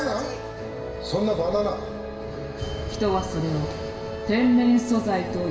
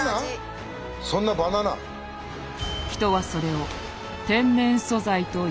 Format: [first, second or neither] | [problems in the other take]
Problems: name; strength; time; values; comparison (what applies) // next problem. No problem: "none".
second | background sound (Wind instrument, woodwind instrument); 11 dB below the speech // room echo; dies away in 2.2 s